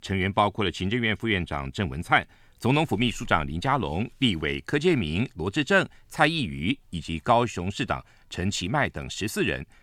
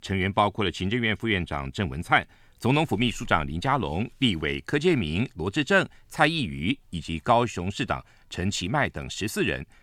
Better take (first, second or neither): neither